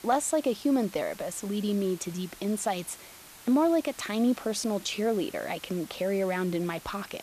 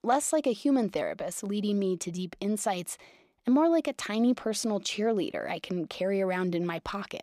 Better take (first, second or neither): second